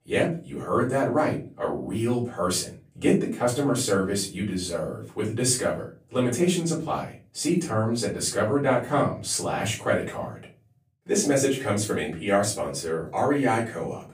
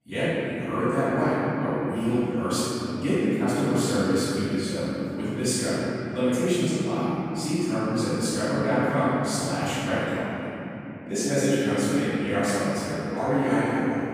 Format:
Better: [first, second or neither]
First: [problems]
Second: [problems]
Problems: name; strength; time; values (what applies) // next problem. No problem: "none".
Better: first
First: room echo; slight; dies away in 0.3 s // off-mic speech; far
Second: room echo; strong; dies away in 3 s // off-mic speech; far